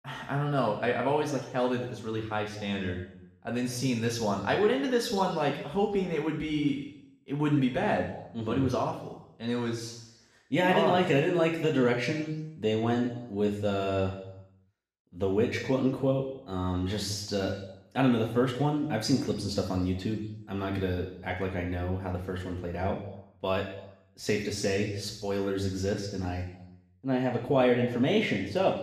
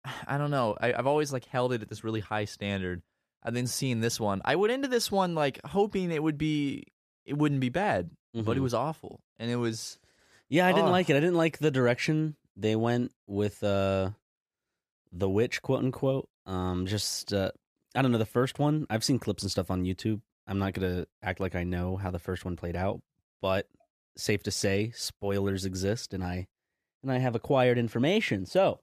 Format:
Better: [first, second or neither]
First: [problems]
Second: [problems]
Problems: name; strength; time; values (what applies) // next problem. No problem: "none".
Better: second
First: room echo; noticeable; dies away in 0.9 s // off-mic speech; far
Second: none